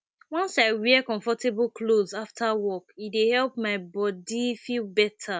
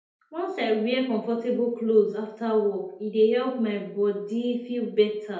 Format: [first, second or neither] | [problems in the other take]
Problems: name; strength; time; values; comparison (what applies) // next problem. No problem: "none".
first | room echo; dies away in 2 s